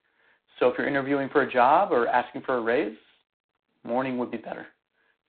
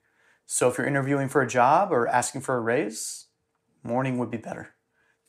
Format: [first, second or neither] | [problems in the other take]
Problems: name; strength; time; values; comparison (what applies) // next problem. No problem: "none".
second | phone-call audio; poor line; nothing above 4 kHz